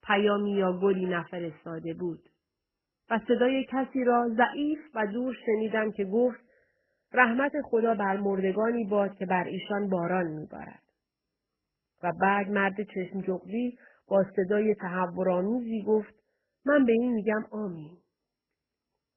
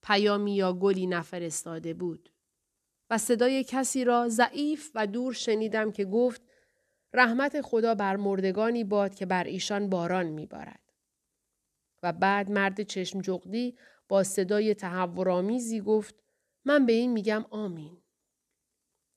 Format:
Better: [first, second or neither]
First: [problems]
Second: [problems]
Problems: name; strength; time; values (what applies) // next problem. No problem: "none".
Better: second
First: garbled, watery; badly; nothing above 3 kHz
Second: none